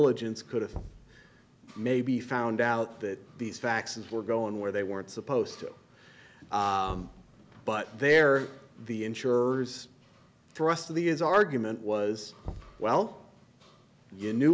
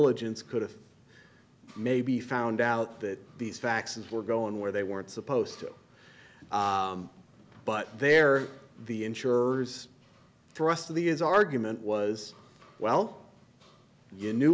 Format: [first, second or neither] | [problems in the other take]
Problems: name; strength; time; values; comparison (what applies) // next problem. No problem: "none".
second | background sound (Knock); 18 dB below the speech